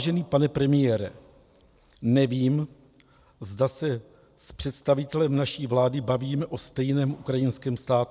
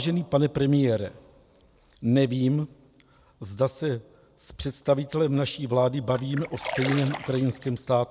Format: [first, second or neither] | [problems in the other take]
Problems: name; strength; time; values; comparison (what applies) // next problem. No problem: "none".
first | background sound (Splash, splatter); 10 dB below the speech